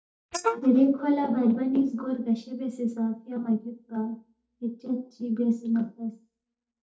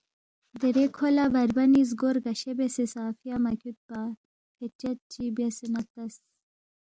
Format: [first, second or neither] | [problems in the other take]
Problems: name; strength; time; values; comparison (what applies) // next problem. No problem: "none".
second | noise reduction (neural mask model DeepFilterNet 3)